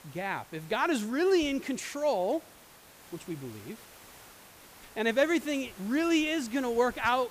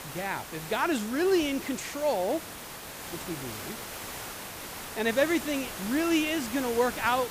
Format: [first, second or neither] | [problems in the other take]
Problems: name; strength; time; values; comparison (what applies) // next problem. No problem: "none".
first | hiss; loud; throughout; 9 dB below the speech; faint in the first